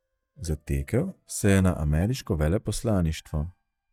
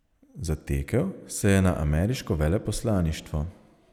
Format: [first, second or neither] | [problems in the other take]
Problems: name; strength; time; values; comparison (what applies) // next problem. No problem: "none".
second | noise reduction (neural mask model DeepFilterNet 3)